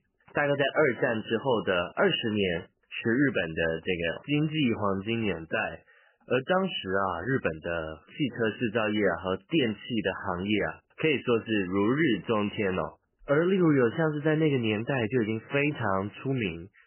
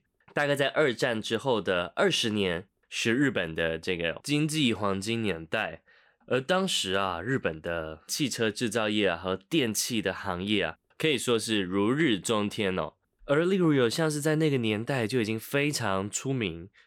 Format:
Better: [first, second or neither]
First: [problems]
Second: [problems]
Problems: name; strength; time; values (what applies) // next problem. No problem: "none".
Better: second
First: garbled, watery; badly; nothing above 3 kHz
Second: none